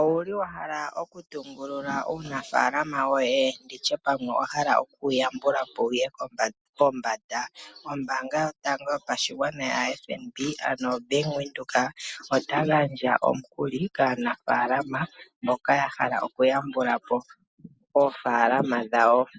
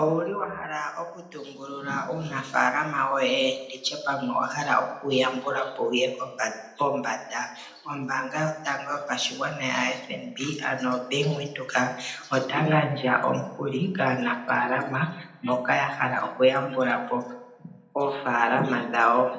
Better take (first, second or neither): first